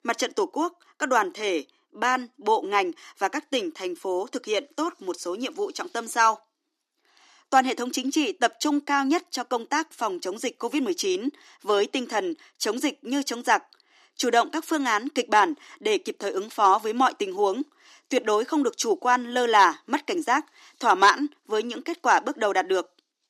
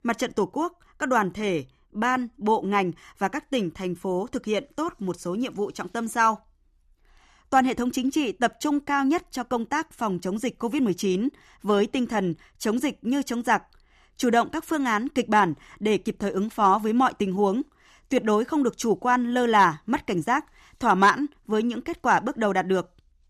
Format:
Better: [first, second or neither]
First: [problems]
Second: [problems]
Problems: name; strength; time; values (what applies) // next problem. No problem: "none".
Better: second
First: thin; very slightly; fading below 300 Hz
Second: none